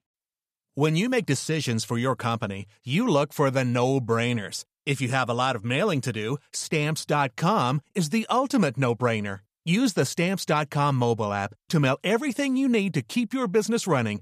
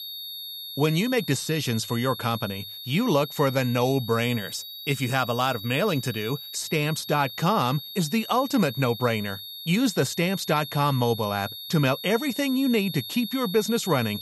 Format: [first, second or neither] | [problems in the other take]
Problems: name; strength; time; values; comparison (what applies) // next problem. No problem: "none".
first | high-pitched whine; noticeable; throughout; 3.5 kHz, 10 dB below the speech